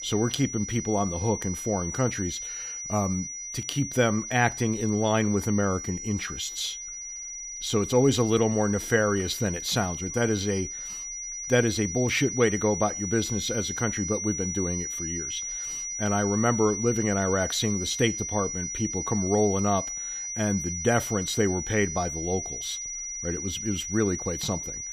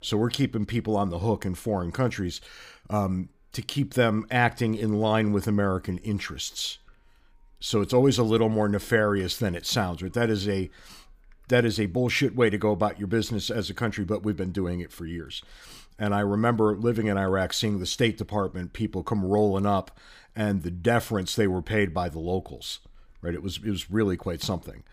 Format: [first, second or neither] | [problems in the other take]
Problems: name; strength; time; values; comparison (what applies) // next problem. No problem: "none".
second | high-pitched whine; loud; throughout; 6 kHz, 5 dB below the speech